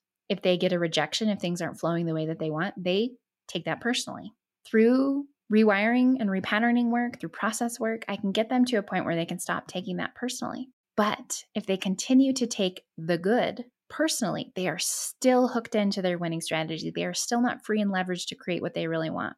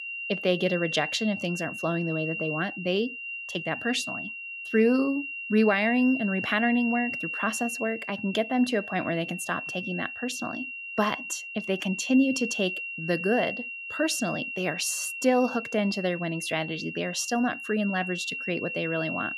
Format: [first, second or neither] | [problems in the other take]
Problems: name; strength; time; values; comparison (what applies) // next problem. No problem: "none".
first | high-pitched whine; loud; throughout; 2.5 kHz, 6 dB below the speech